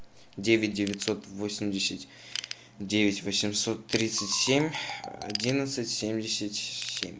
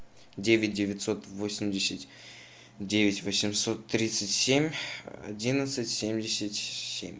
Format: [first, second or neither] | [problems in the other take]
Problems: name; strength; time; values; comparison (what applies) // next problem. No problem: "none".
second | background sound (Marimba, xylophone + Ratchet, pawl / Tools); 13 dB below the speech